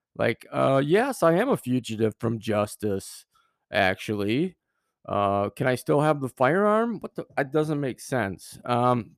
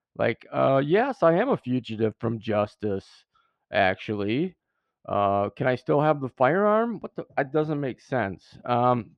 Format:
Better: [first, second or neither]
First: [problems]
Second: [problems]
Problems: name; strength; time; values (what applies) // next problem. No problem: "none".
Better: first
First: none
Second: muffled; slightly; fading above 4 kHz